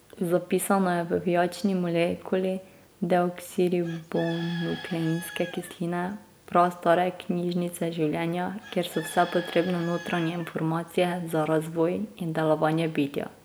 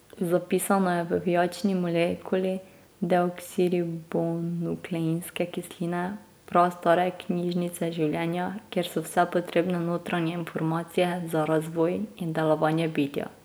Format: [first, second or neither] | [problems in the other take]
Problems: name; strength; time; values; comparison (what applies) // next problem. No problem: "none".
second | background sound (Bird / Chicken, rooster); 18 dB below the speech